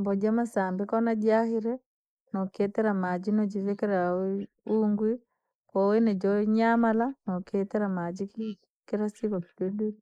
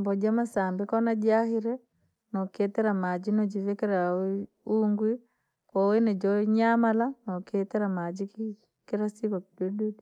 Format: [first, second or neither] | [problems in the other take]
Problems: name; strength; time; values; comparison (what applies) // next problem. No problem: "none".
second | noise reduction (neural mask model Resemble Enhance denoiser)